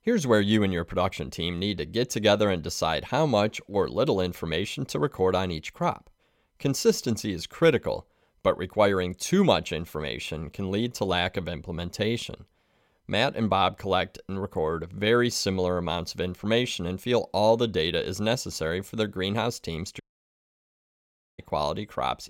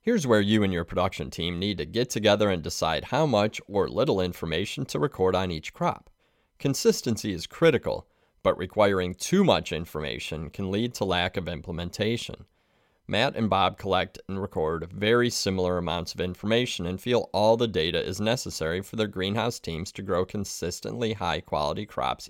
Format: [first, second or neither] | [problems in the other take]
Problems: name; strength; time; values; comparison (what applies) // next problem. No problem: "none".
second | audio cutting out; at 20 s for 1.5 s